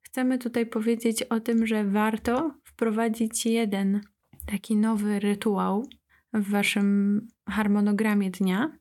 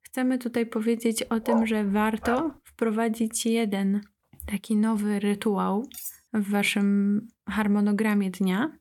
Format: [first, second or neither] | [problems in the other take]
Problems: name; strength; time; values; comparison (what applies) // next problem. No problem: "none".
first | dog barking; noticeable; at 1.5 s; peak 6 dB below the speech // clattering dishes; faint; at 6 s; peak 10 dB below the speech